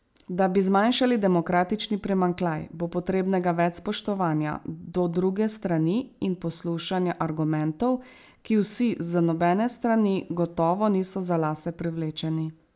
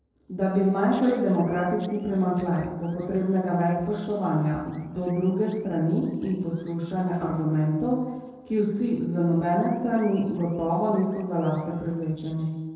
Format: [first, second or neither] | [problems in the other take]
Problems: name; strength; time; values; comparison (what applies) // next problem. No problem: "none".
first | noise reduction (neural separator model SepFormer DNS4)